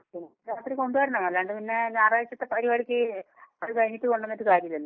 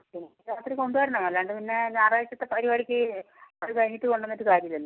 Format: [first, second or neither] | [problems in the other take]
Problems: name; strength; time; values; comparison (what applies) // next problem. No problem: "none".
second | noise reduction (neural mask model Resemble Enhance denoiser)